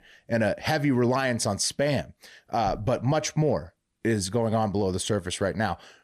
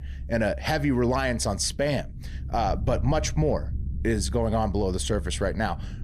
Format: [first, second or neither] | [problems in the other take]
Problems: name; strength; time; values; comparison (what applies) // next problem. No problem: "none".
first | low rumble; faint; throughout; 25 dB below the speech